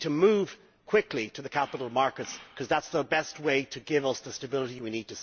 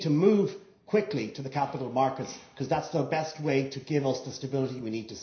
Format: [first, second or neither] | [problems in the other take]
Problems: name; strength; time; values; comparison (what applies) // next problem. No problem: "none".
first | room echo; dies away in 0.5 s